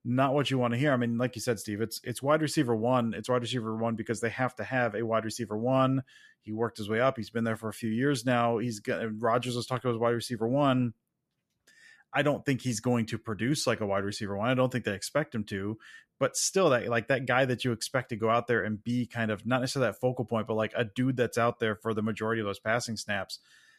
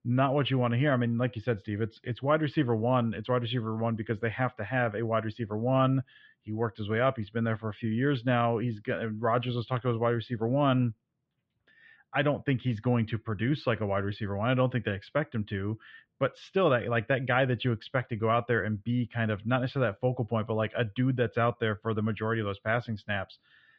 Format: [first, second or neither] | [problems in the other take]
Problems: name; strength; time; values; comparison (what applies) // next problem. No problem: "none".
first | muffled; very; fading above 3.5 kHz